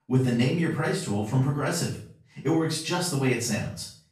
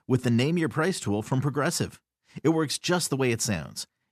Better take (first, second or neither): second